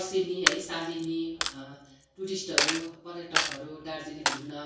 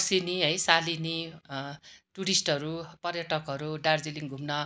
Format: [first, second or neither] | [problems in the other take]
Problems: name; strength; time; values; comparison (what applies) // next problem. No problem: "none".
second | background sound (Coin (dropping)); 2 dB above the speech // room echo; dies away in 0.6 s